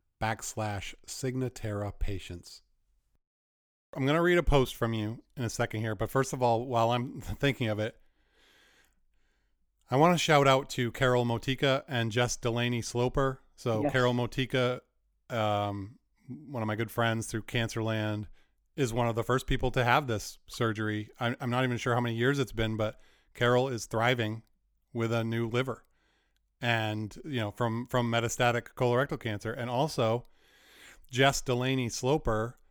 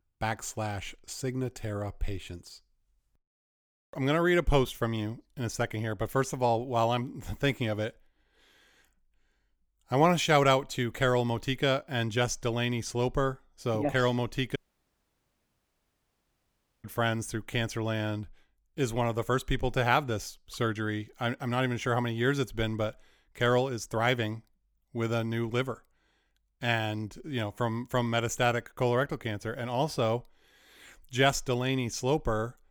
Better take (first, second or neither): first